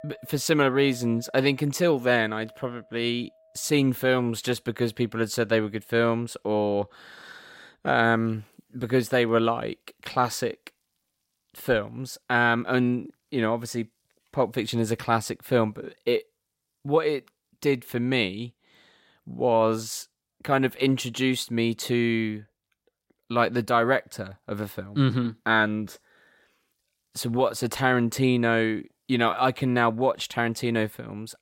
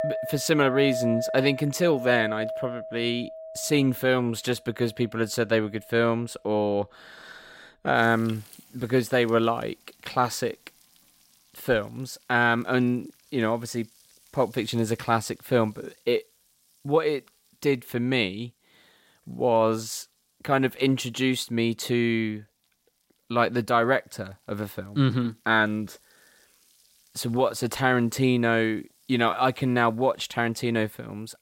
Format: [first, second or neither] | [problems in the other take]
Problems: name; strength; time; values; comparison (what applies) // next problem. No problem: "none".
first | household noises; loud; throughout; 10 dB below the speech; faint in the first